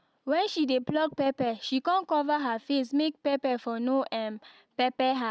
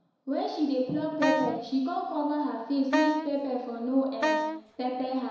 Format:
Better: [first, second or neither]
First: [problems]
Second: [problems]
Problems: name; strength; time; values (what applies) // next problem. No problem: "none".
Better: first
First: none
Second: background sound (Wind instrument, woodwind instrument); 2 dB below the speech // room echo; dies away in 1 s